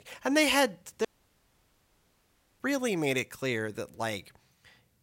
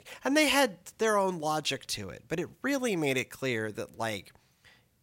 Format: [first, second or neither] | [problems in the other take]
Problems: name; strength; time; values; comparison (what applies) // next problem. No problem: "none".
second | audio cutting out; at 1 s for 1.5 s